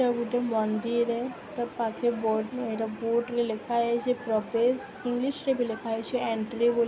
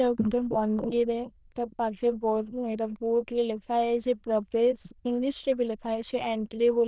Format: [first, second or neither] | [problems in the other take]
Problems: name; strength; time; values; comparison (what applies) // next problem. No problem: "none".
first | noise reduction (neural diffusion model UNIVERSE++)